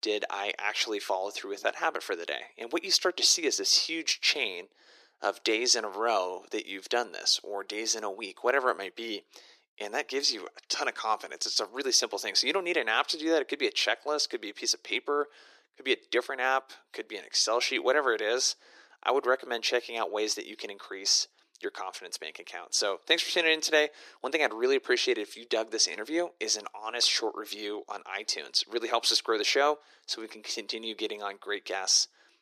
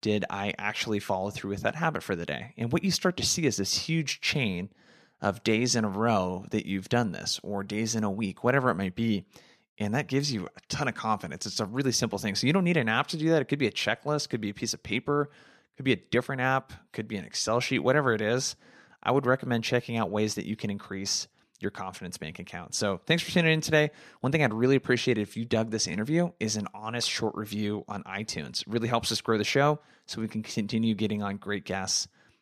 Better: second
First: thin; very; fading below 350 Hz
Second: none

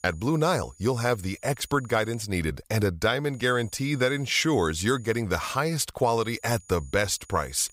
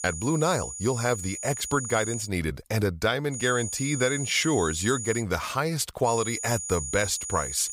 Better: first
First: high-pitched whine; faint; until 2.5 s, from 3.5 to 5 s and from 6 s on; 7 kHz, 25 dB below the speech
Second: high-pitched whine; loud; until 2.5 s, from 3.5 to 5 s and from 6 s on; 7 kHz, 6 dB below the speech

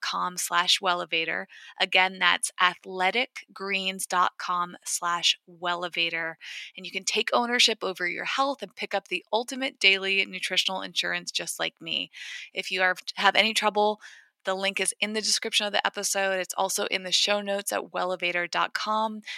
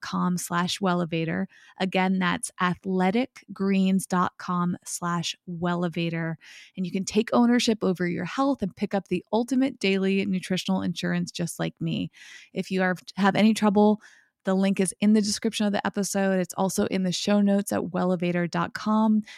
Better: second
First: thin; very; fading below 650 Hz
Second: none

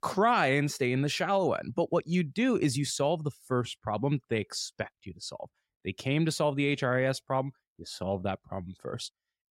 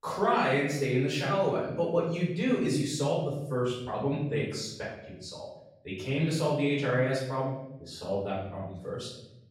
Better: first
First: none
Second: off-mic speech; far // room echo; noticeable; dies away in 0.8 s

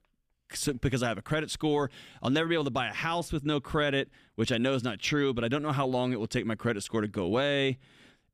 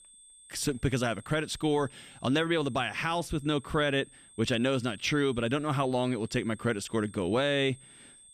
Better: first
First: none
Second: high-pitched whine; faint; throughout; 8.5 kHz, 25 dB below the speech

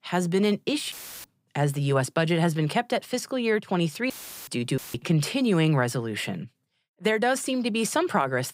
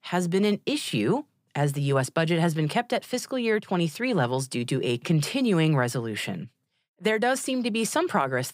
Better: second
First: audio cutting out; filled with static; at 1 s, at 4 s and at 5 s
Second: none

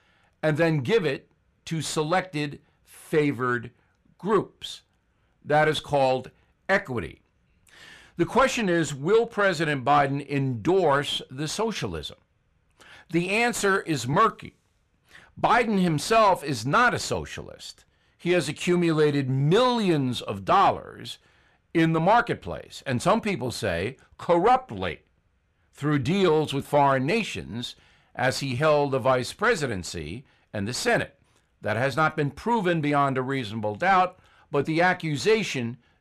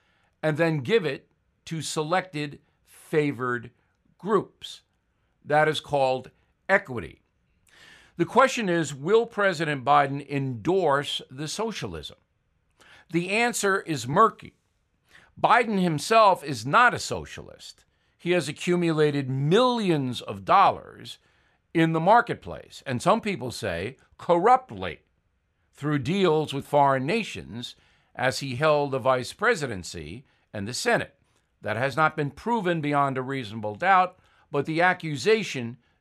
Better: second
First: distortion; slight; 10 dB below the speech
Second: none

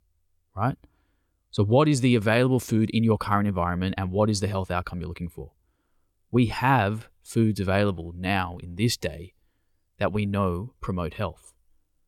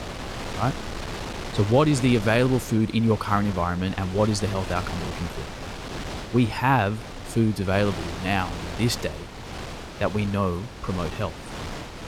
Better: first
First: none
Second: wind noise on the microphone; heavy; 9 dB below the speech

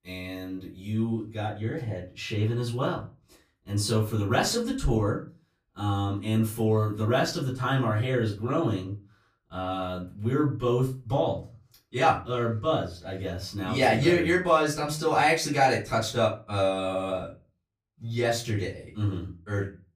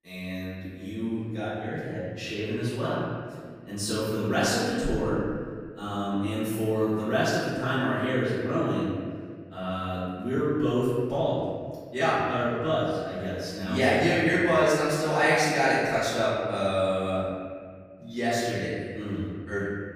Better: first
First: room echo; slight; dies away in 0.3 s // off-mic speech; far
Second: room echo; strong; dies away in 1.8 s // off-mic speech; far

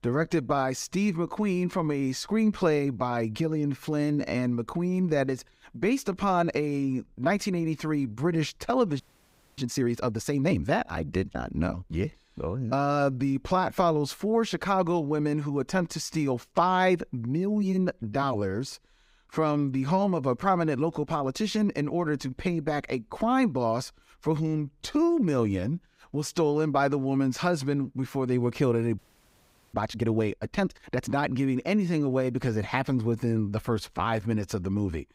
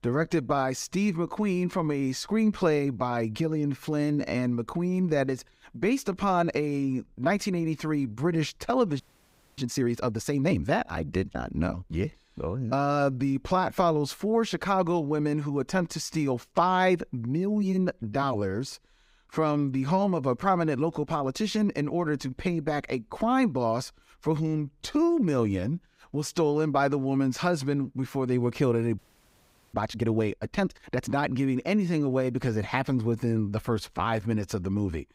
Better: neither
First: audio freezing; at 9 s for 0.5 s and at 29 s for 1 s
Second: audio freezing; at 9 s for 0.5 s and at 29 s for 1 s

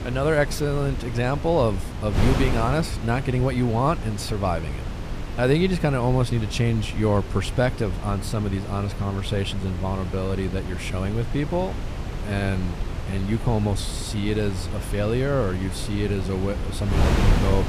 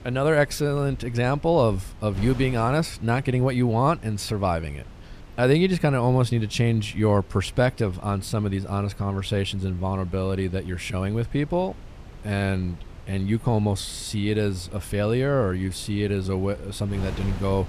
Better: second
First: wind noise on the microphone; heavy; 8 dB below the speech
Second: wind noise on the microphone; occasional gusts; 20 dB below the speech

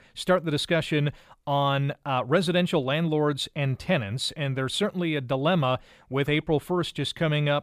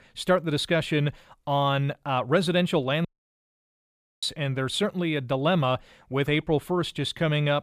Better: first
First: none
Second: audio cutting out; at 3 s for 1 s

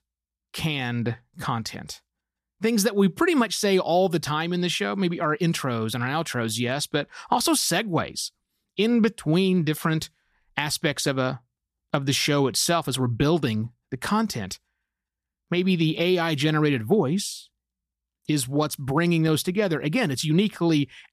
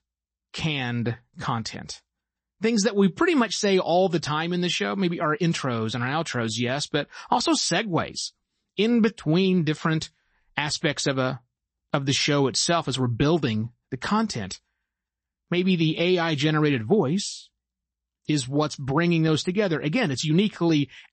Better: first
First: none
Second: garbled, watery; slightly; nothing above 8 kHz

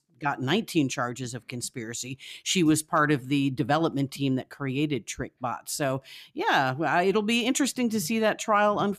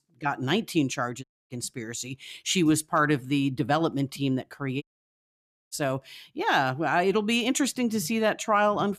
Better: first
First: none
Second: audio cutting out; at 1 s and at 5 s for 1 s

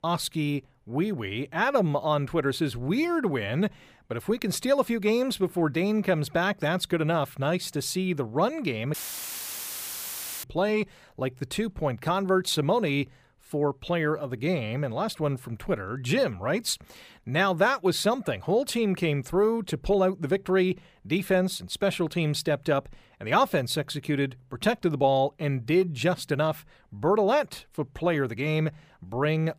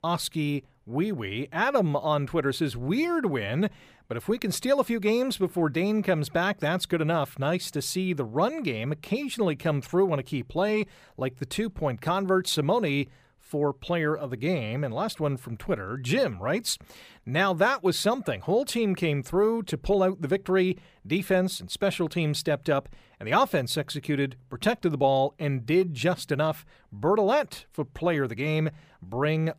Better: second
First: audio cutting out; filled with static; at 9 s for 1.5 s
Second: none

